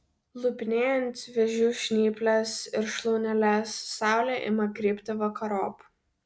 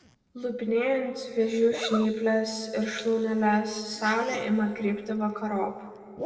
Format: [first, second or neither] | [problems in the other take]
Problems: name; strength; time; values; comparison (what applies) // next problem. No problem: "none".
first | background sound (Zipper (clothing)); 17 dB below the speech // room echo; dies away in 1.9 s